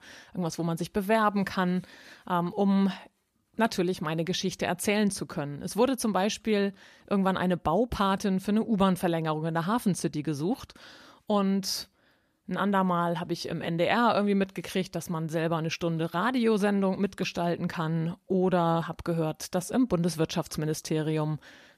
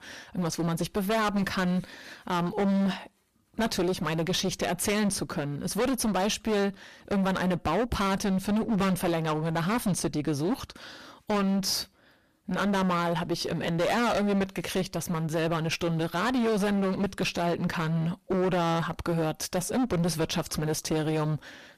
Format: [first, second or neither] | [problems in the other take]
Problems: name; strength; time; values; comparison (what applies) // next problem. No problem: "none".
first | distortion; heavy; 21% of the sound clipped